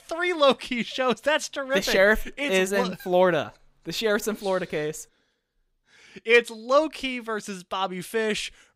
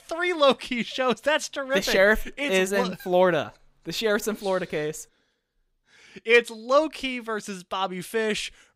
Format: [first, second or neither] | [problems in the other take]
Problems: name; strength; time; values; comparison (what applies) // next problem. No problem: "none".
neither | none